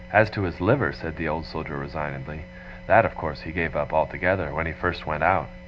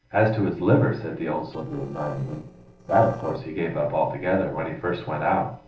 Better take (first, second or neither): first